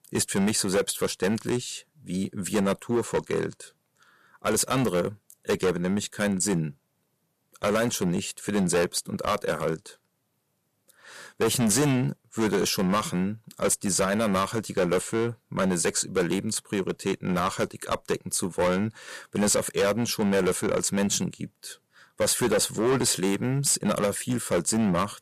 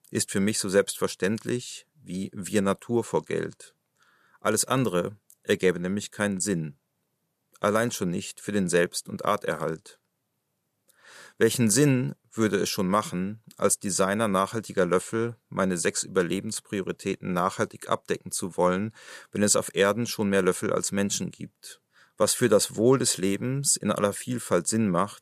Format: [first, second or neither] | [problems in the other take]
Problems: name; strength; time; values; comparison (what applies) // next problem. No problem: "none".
second | distortion; heavy; 9% of the sound clipped